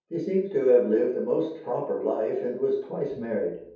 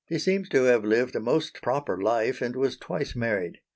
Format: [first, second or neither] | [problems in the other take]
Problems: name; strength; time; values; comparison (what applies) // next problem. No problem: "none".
second | room echo; dies away in 0.7 s